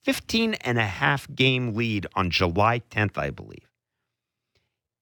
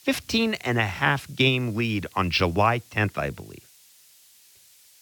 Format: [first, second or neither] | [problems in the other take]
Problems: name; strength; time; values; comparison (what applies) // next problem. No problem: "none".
first | hiss; faint; throughout; 25 dB below the speech